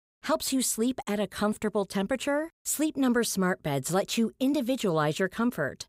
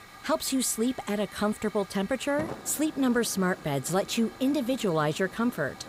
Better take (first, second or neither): first